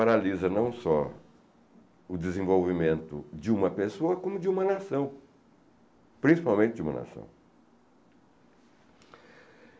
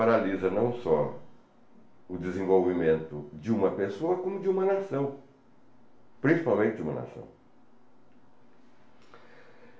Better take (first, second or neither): first